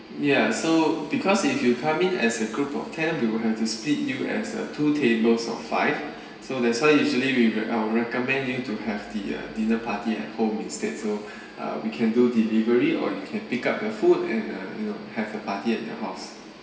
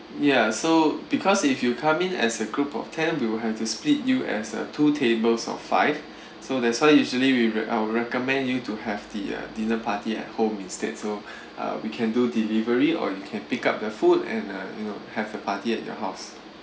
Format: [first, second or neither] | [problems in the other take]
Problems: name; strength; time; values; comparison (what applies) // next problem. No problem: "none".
second | room echo; dies away in 1.3 s